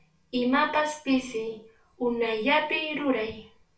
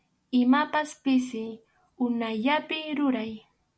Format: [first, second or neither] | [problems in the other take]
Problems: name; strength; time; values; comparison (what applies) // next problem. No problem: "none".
second | room echo; dies away in 0.3 s